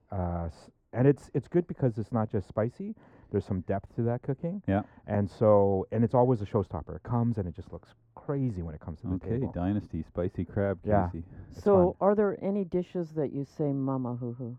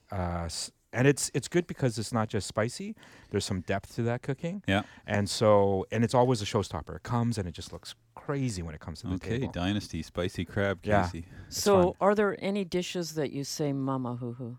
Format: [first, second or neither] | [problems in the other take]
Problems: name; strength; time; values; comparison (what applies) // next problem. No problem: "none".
second | muffled; very; fading above 2 kHz